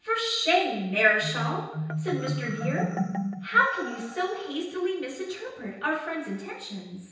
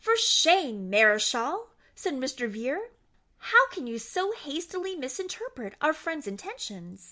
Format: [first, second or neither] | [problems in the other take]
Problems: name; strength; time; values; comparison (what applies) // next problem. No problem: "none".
second | background sound (Marimba, xylophone); 7 dB below the speech // room echo; dies away in 0.9 s